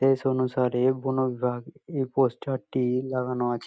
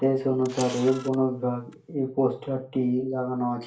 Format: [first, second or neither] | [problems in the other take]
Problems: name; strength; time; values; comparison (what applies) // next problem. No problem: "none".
first | background sound (Camera); 17 dB below the speech // room echo; dies away in 0.3 s